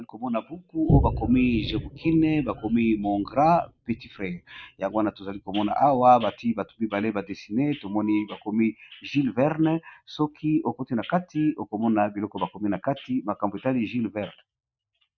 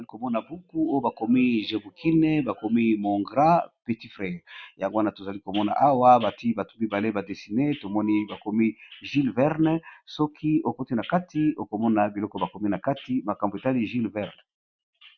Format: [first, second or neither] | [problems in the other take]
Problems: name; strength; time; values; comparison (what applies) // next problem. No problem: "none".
second | noise reduction (neural mask model RNNoise)